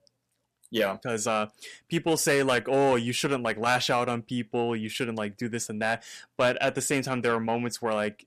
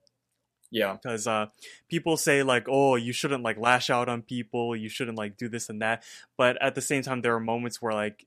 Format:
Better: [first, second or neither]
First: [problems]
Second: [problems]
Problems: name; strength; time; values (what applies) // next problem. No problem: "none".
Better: second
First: distortion; slight; 10 dB below the speech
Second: none